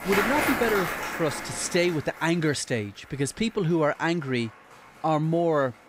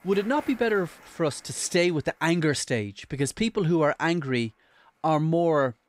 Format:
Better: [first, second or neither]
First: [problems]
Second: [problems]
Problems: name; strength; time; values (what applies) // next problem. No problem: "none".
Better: second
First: crowd noise; loud; throughout; 3 dB below the speech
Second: crowd noise; faint; throughout; 25 dB below the speech